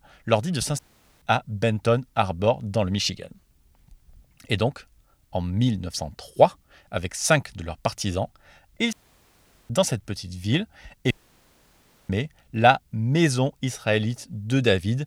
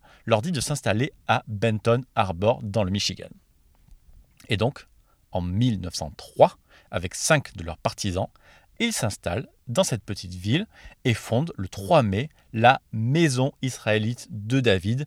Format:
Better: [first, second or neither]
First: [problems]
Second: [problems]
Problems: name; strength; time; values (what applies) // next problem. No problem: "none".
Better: second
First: audio cutting out; at 1 s, at 9 s for 1 s and at 11 s for 1 s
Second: none